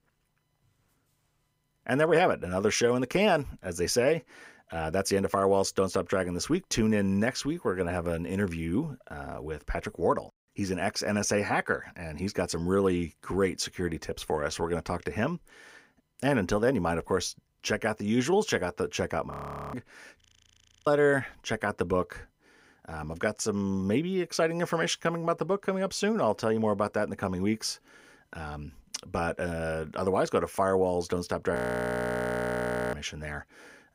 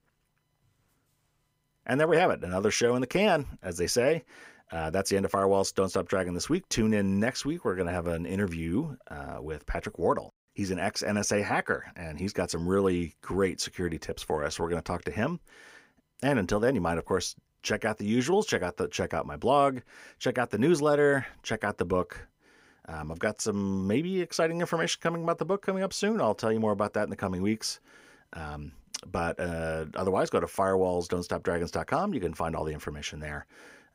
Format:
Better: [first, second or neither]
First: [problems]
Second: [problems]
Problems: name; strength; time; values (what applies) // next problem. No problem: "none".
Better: second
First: audio freezing; at 19 s, at 20 s for 0.5 s and at 32 s for 1.5 s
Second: none